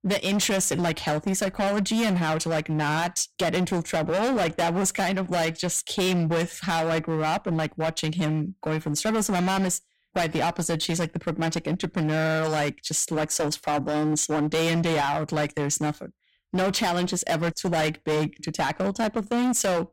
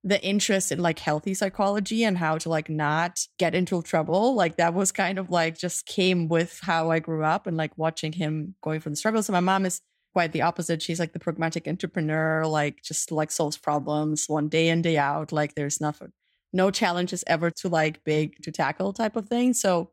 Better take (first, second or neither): second